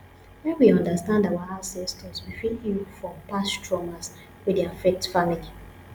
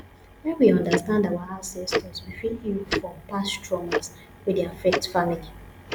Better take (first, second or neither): first